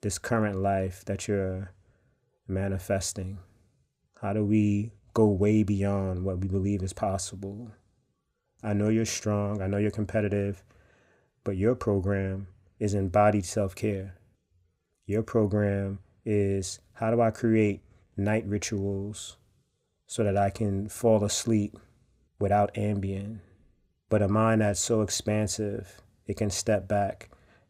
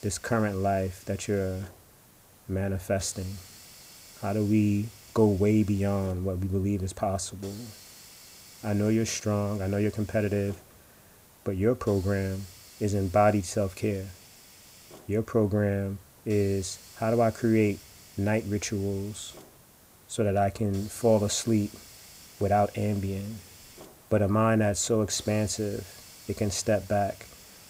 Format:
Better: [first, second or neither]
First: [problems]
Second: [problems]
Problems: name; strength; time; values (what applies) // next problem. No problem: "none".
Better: first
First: none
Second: hiss; faint; throughout; 20 dB below the speech